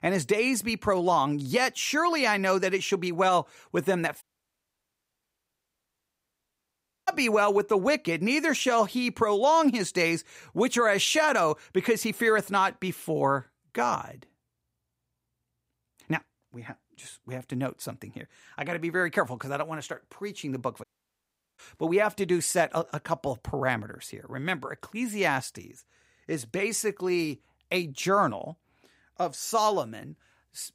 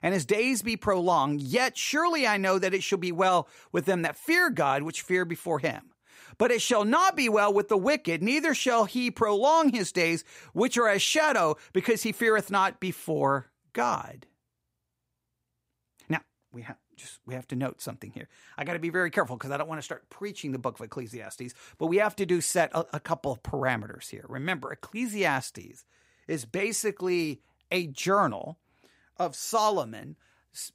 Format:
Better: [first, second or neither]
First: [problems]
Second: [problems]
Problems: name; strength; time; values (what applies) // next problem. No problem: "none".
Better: second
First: audio cutting out; at 4 s for 3 s and at 21 s for 0.5 s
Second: none